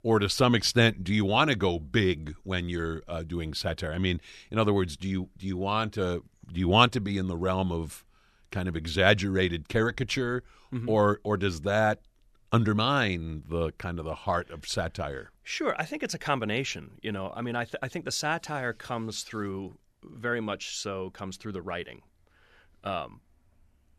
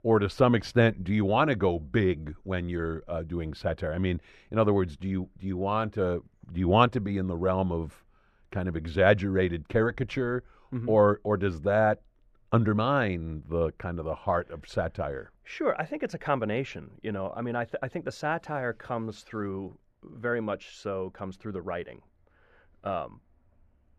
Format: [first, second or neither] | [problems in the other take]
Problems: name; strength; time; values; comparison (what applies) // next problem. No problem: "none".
first | muffled; very; fading above 3 kHz